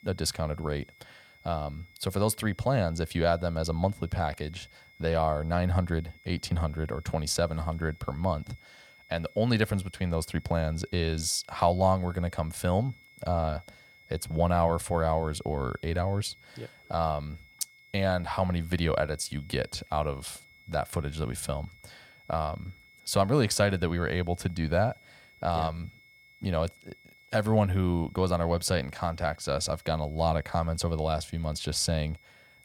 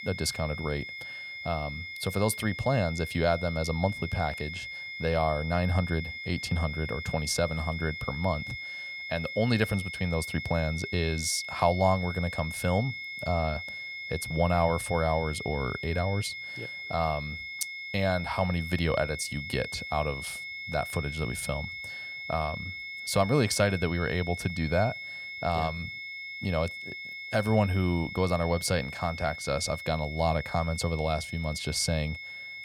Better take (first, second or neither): first